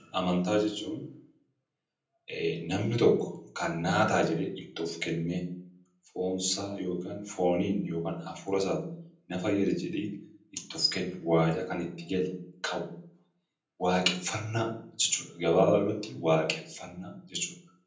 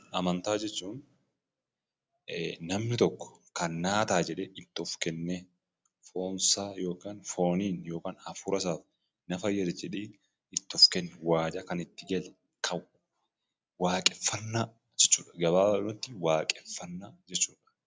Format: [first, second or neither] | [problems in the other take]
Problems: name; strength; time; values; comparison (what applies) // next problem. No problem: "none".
second | room echo; dies away in 0.6 s